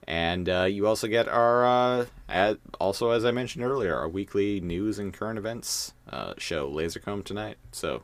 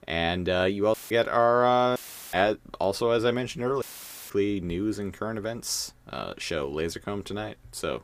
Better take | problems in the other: first | audio cutting out; filled with static; at 1 s, at 2 s and at 4 s

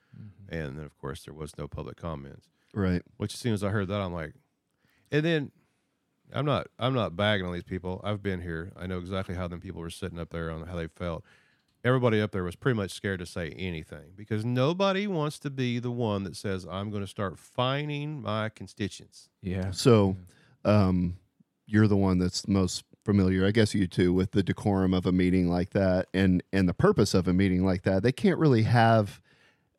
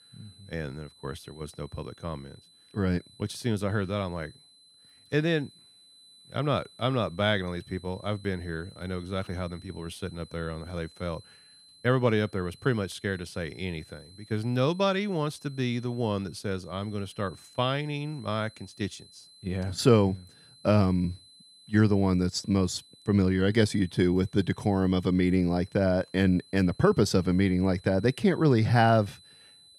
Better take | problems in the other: first | high-pitched whine; faint; throughout; 4 kHz, 25 dB below the speech

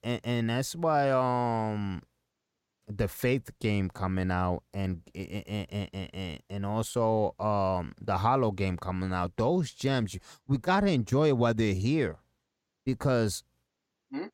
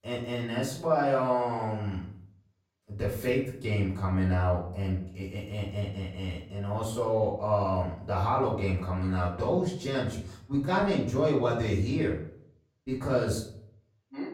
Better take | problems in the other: first | room echo; slight; dies away in 0.5 s // off-mic speech; far

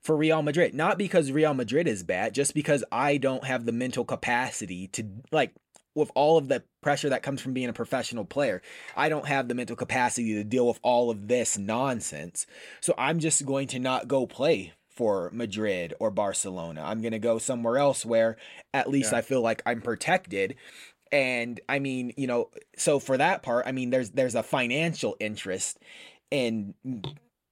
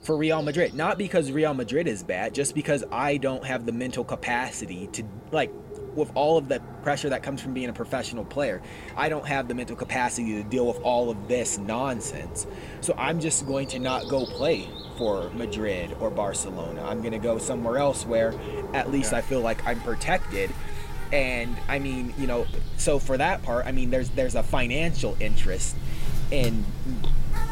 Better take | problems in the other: first | animal sounds; loud; throughout; 10 dB below the speech

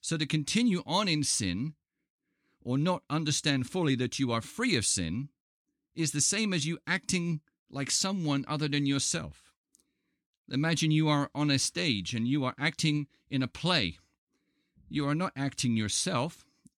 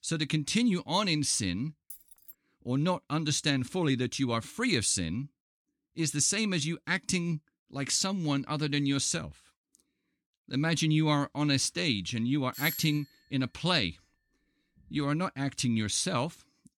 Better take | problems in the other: first | jangling keys; faint; at 2 s; peak 20 dB below the speech // doorbell; noticeable; at 13 s; peak 6 dB below the speech

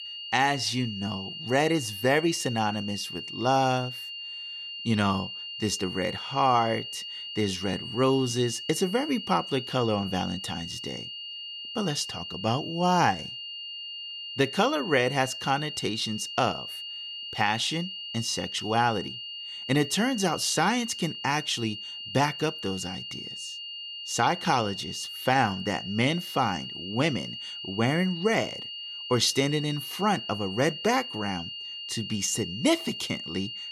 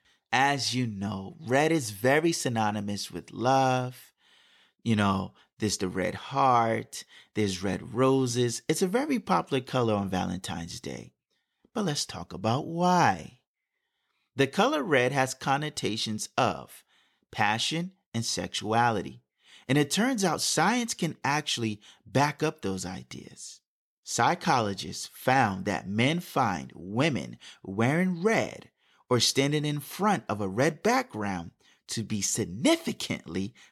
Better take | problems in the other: second | high-pitched whine; loud; throughout; 3 kHz, 8 dB below the speech

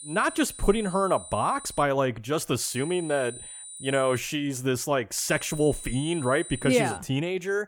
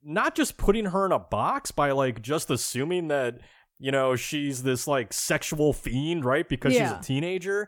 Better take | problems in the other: second | high-pitched whine; noticeable; until 2 s, from 2.5 to 4 s and from 5.5 to 7 s; 9 kHz, 15 dB below the speech

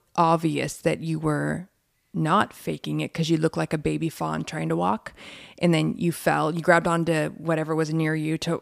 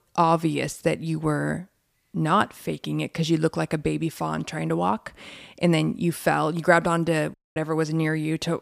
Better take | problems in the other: first | audio cutting out; at 7.5 s

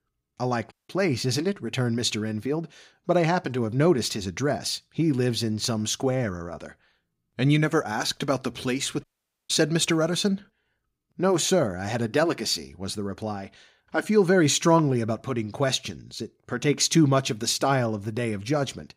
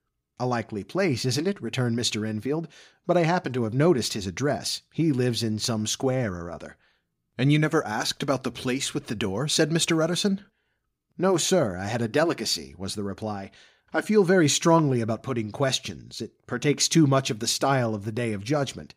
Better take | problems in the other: second | audio cutting out; at 0.5 s and at 9 s

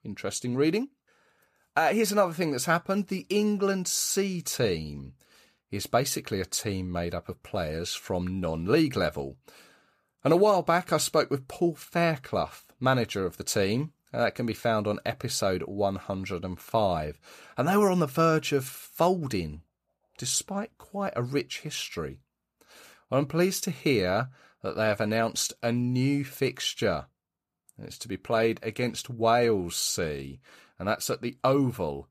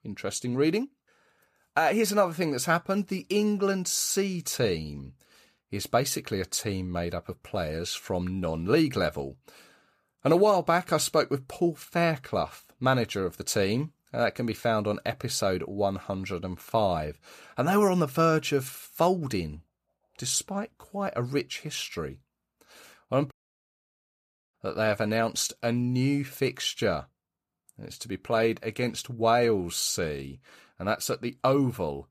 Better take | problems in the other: first | audio cutting out; at 23 s for 1 s

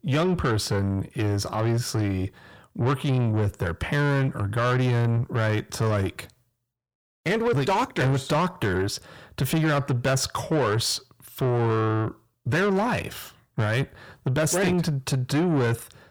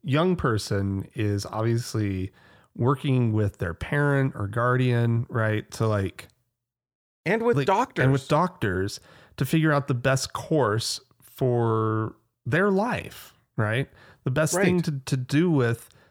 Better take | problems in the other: second | distortion; slight; 10 dB below the speech

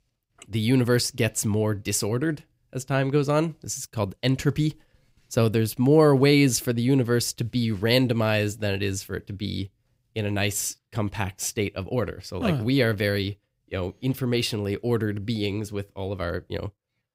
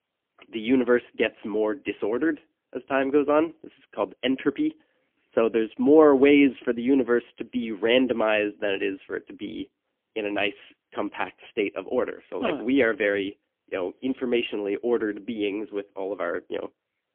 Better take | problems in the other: first | phone-call audio; poor line; nothing above 3.5 kHz

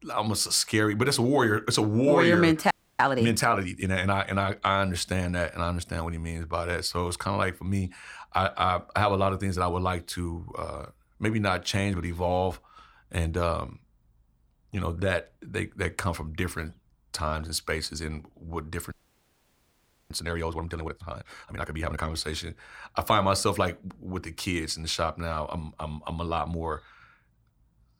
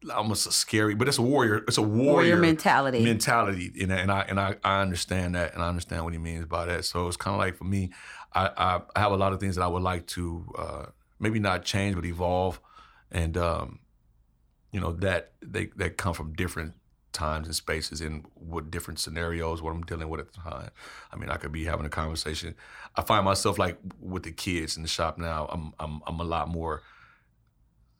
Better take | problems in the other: second | audio freezing; at 2.5 s and at 19 s for 1 s

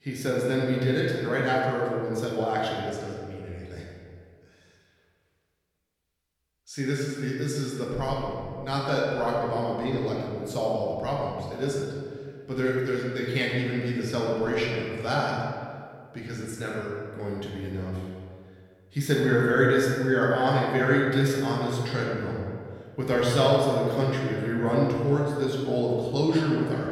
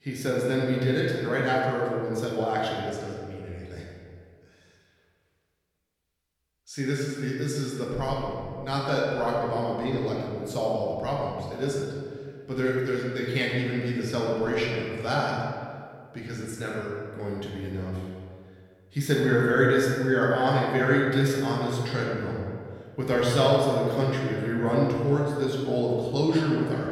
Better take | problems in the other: neither | room echo; noticeable; dies away in 1.8 s; the same in both // off-mic speech; far; the same in both

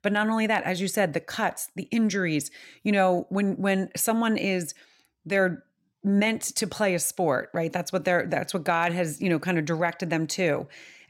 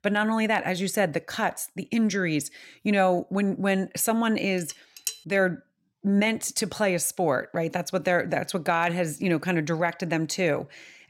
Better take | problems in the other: first | clattering dishes; noticeable; at 4.5 s; peak 7 dB below the speech

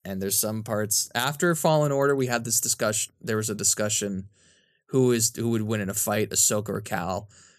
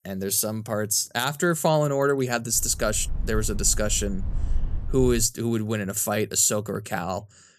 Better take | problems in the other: first | low rumble; faint; from 2.5 to 5 s; 25 dB below the speech

